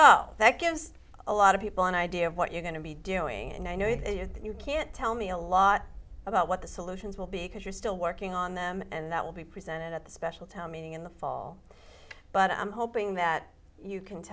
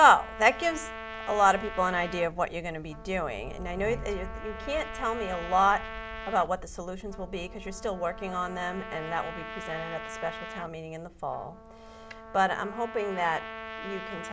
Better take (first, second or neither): first